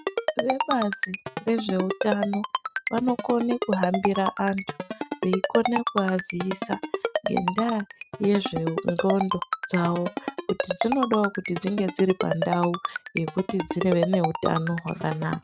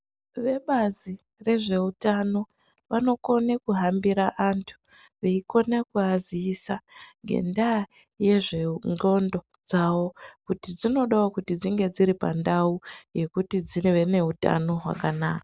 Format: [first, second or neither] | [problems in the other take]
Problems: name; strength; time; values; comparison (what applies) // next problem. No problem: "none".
second | noise reduction (neural mask model RNNoise)